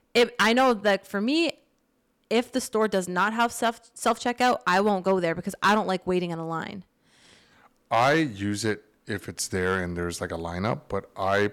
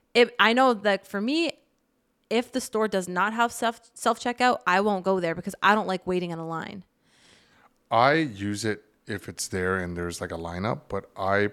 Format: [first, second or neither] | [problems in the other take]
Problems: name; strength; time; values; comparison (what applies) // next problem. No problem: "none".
second | distortion; slight; 2% of the sound clipped